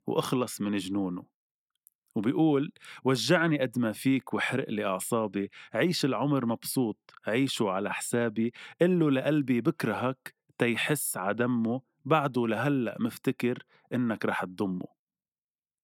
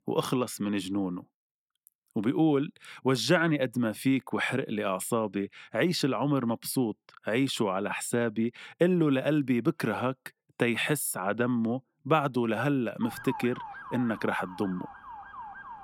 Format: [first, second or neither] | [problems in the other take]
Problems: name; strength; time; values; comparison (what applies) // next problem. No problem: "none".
first | siren; faint; from 13 s on; peak 10 dB below the speech